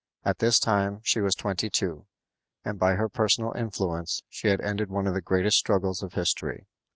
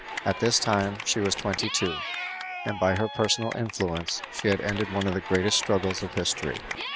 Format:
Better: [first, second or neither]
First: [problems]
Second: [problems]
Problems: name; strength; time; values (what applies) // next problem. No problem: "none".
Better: first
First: none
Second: background sound (Cheering / Clapping); 8 dB below the speech